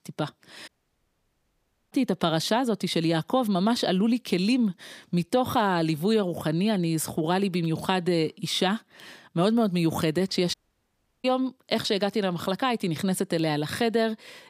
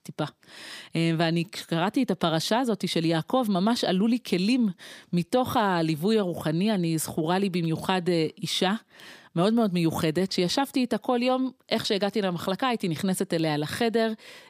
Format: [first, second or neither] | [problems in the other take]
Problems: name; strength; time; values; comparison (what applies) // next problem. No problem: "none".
second | audio cutting out; at 0.5 s for 1 s and at 11 s for 0.5 s